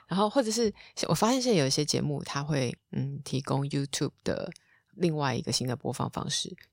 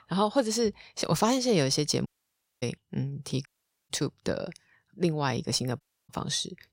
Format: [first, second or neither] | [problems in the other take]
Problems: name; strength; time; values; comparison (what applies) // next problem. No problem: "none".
first | audio cutting out; at 2 s for 0.5 s, at 3.5 s and at 6 s